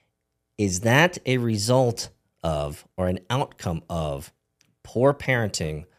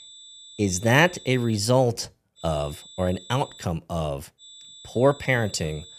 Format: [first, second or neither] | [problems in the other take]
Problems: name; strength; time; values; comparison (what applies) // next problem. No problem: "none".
first | high-pitched whine; noticeable; until 1.5 s, from 2.5 to 3.5 s and from 4.5 s on; 3.5 kHz, 20 dB below the speech